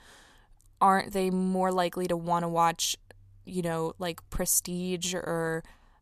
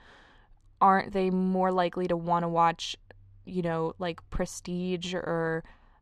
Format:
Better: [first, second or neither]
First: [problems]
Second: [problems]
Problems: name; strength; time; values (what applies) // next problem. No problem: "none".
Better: first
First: none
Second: muffled; slightly; fading above 3 kHz